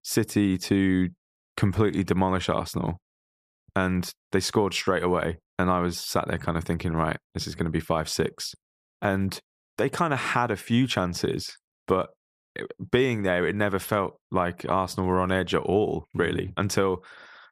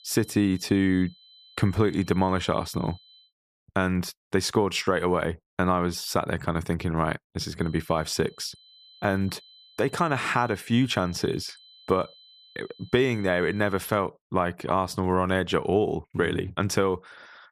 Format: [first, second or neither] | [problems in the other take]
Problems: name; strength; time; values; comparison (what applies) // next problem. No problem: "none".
first | high-pitched whine; faint; until 3.5 s and from 7.5 to 14 s; 4 kHz, 25 dB below the speech